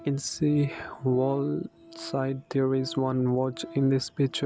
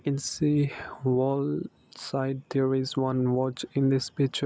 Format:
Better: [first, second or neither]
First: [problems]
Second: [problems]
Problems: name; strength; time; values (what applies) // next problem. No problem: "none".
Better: second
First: background sound (Organ); 19 dB below the speech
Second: none